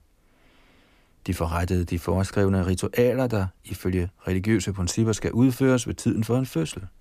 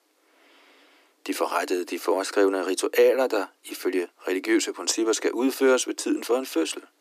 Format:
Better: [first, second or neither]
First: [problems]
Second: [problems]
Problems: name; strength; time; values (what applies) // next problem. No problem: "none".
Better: first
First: none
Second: thin; somewhat; fading below 300 Hz